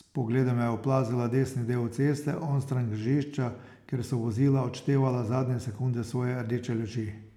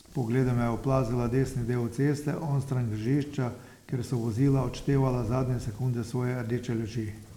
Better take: first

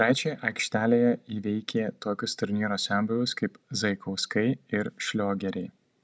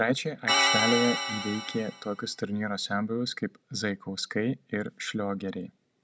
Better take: first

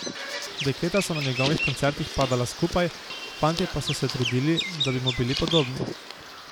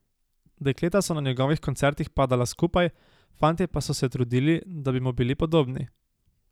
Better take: second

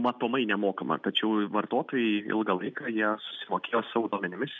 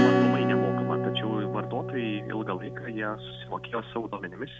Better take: first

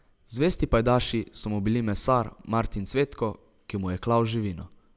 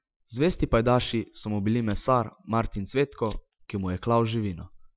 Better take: first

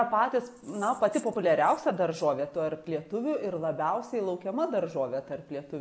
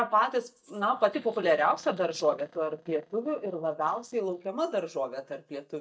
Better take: first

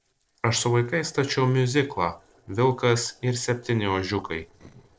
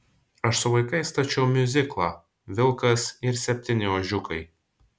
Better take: second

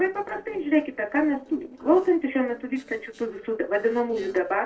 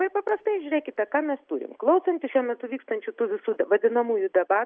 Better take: second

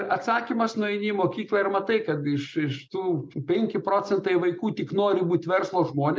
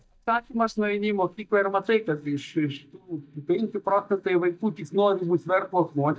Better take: first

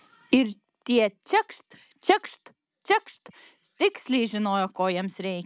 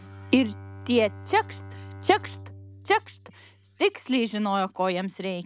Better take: first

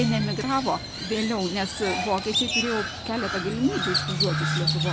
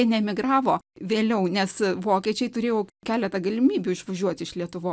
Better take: second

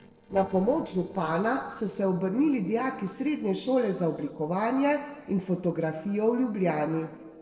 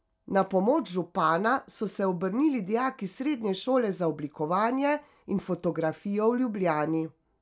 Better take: second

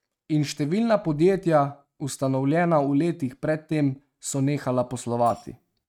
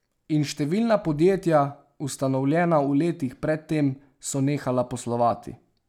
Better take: second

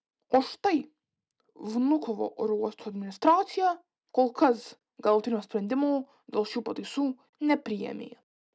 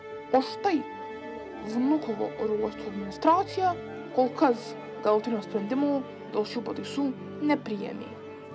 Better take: first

